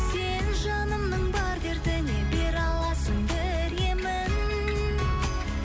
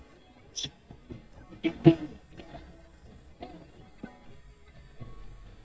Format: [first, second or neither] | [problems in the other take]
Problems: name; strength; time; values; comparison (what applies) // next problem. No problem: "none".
first | noise reduction (neural mask model DeepFilterNet 3)